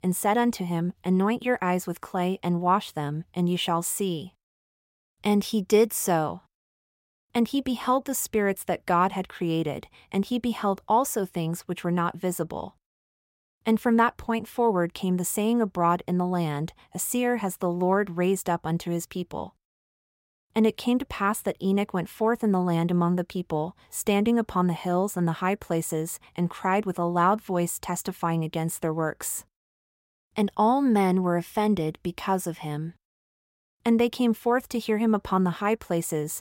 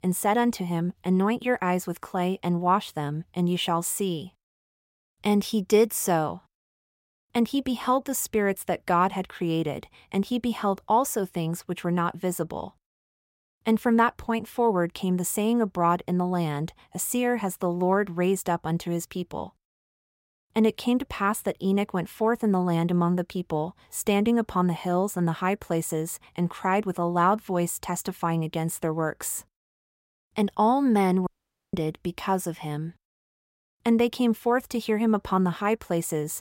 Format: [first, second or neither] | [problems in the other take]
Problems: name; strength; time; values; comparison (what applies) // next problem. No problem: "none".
first | audio cutting out; at 31 s